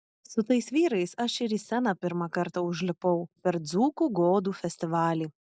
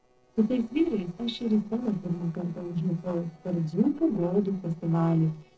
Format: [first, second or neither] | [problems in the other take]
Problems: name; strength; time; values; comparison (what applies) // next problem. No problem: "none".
first | noise reduction (neural separator model SepFormer DNS4)